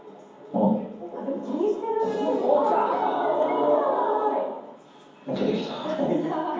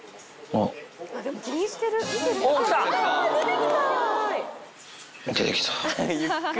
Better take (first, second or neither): second